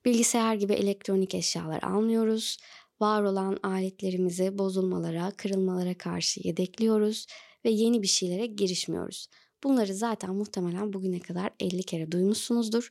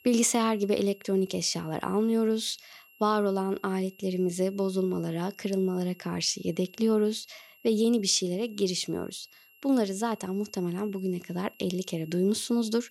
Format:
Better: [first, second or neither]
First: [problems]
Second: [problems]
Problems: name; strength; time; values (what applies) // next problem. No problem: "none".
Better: first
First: none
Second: high-pitched whine; faint; throughout; 3 kHz, 25 dB below the speech